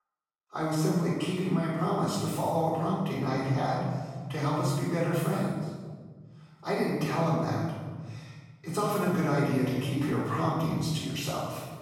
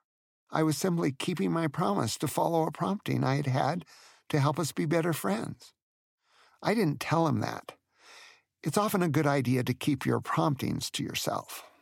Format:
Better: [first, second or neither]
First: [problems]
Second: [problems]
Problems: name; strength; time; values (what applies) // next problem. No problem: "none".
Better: second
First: off-mic speech; far // room echo; strong; dies away in 1.5 s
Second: none